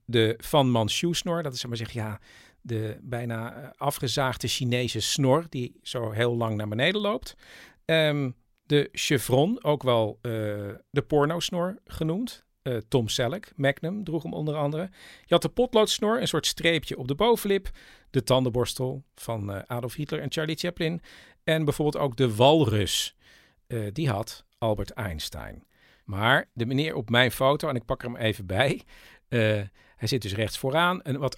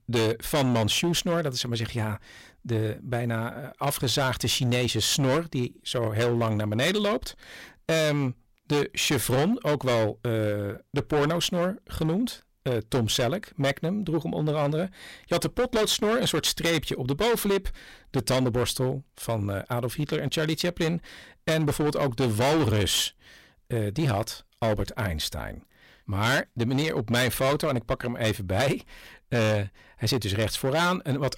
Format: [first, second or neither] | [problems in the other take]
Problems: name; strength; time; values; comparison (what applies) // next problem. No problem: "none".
first | distortion; heavy; 13% of the sound clipped